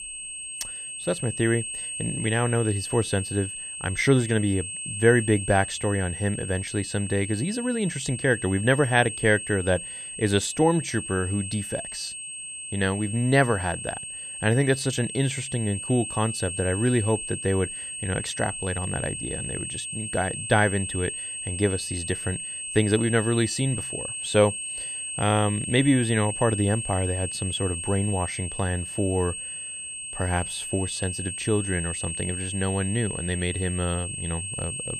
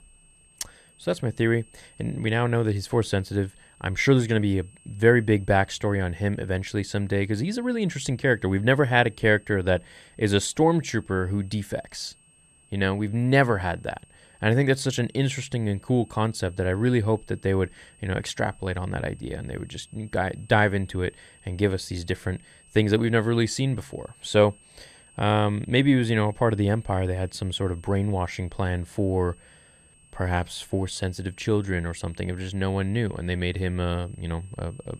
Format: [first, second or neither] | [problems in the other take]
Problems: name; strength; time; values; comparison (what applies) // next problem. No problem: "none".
second | high-pitched whine; loud; throughout; 8.5 kHz, 6 dB below the speech; faint in the second